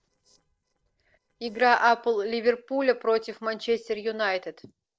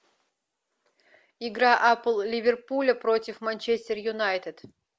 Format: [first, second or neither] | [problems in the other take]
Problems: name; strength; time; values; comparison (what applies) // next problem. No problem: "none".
second | noise reduction (neural separator model SepFormer DNS4)